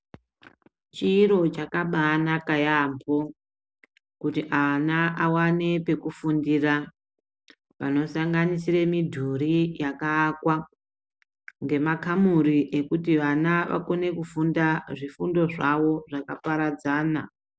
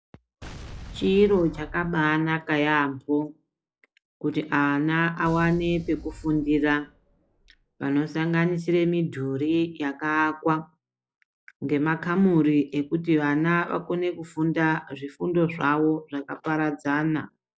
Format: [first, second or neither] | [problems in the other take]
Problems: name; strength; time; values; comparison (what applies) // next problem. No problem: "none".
first | noise reduction (classical method log-MMSE)